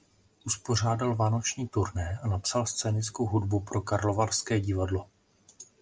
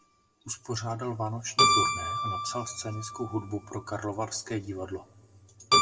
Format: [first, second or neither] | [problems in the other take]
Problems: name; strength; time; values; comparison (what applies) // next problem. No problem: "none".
first | background sound (Keyboard (musical)); 4 dB above the speech // room echo; dies away in 1.2 s